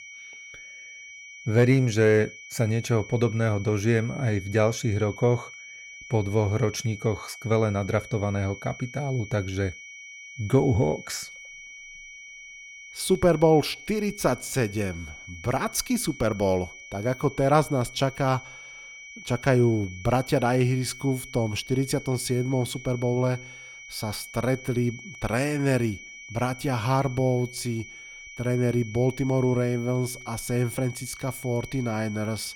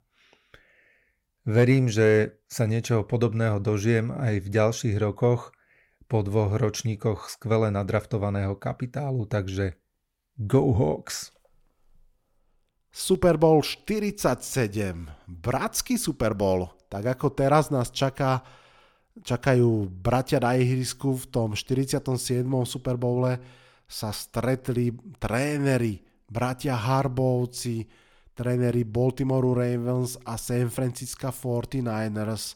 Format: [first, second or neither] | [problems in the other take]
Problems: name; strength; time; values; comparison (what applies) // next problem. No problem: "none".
second | high-pitched whine; noticeable; throughout; 2.5 kHz, 15 dB below the speech